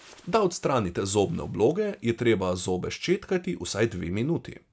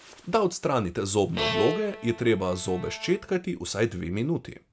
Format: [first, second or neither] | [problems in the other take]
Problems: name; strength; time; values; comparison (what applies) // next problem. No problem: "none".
first | background sound (Bowed string instrument); 7 dB below the speech